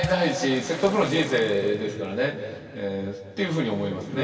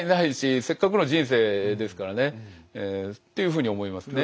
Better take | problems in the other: second | background sound (Water / Splash, splatter); 16 dB below the speech // room echo; dies away in 2.6 s

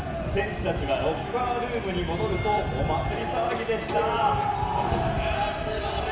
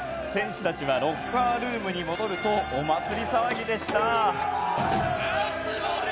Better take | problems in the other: second | background sound (Thunder / Rain); 6 dB below the speech // room echo; dies away in 1.1 s

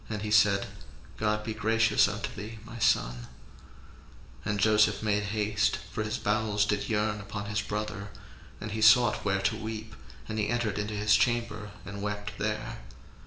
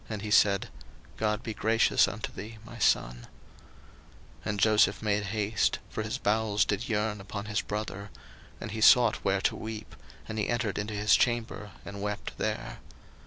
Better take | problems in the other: second | room echo; dies away in 0.8 s

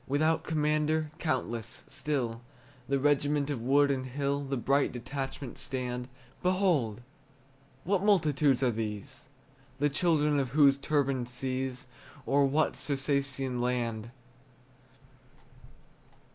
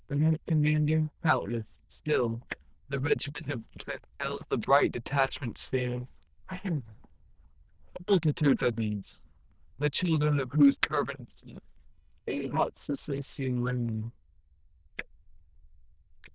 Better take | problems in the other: first | noise reduction (neural diffusion model UNIVERSE++)

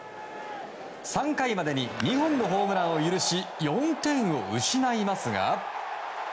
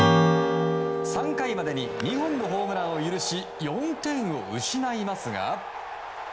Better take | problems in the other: first | background sound (Strum); 1 dB above the speech

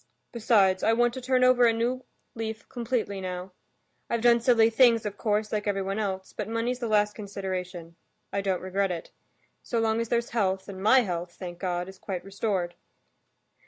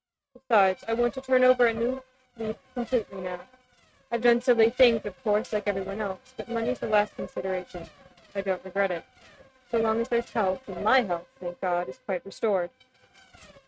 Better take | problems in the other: first | noise reduction (neural mask model RNNoise)

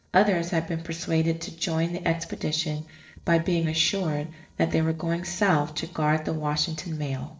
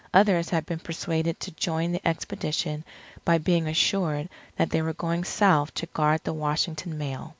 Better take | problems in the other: second | noise reduction (neural separator model SepFormer DNS4)

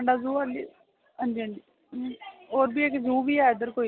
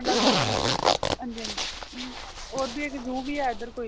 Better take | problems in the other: first | background sound (Zipper (clothing)); 5 dB above the speech

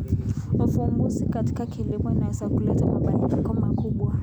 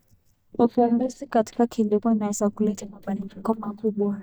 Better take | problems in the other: first | noise reduction (neural mask model DeepFilterNet 3)

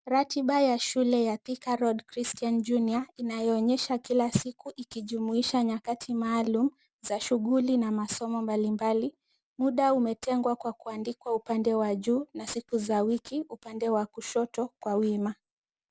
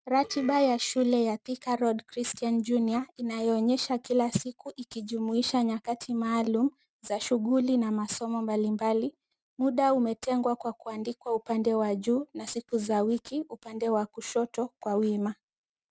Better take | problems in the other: first | noise reduction (neural mask model RNNoise)

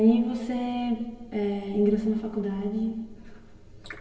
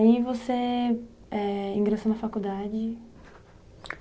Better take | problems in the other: second | room echo; dies away in 1.3 s

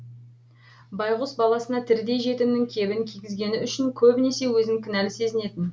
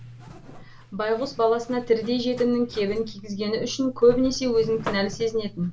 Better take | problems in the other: first | background sound (Zipper (clothing)); 15 dB below the speech

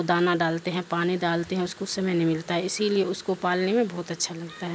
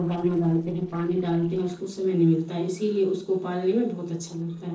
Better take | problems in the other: first | noise reduction (neural separator model SepFormer DNS4)

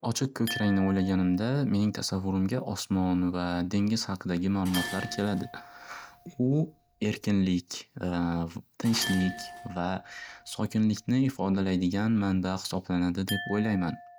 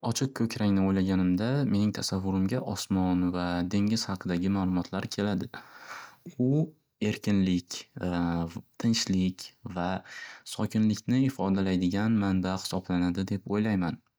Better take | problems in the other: second | background sound (Dishes, pots, and pans + Glass); 15 dB below the speech

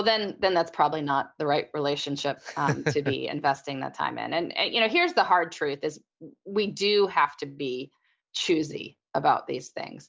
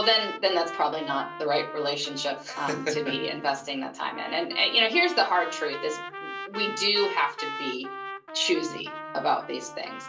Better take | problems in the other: first | background sound (Trumpet); 11 dB below the speech // room echo; dies away in 0.3 s

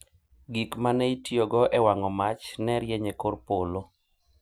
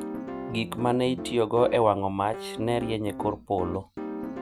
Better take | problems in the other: first | background sound (Piano); 10 dB below the speech

